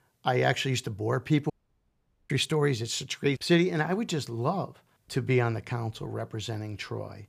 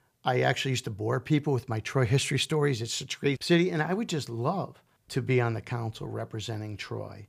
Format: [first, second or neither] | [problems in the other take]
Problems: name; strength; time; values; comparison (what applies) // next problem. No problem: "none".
second | audio cutting out; at 1.5 s for 1 s